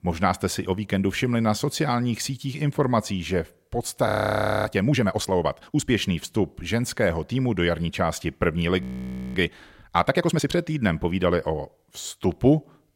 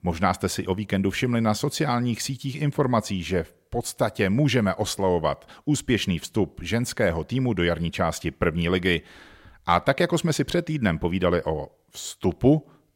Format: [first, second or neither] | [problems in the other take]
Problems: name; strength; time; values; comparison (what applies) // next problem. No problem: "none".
second | audio freezing; at 4 s for 0.5 s and at 9 s for 0.5 s